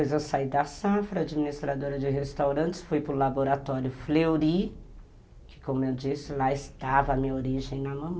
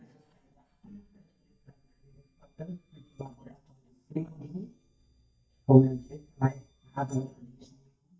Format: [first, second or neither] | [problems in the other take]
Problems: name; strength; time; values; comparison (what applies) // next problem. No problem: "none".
first | noise reduction (neural mask model DeepFilterNet 3)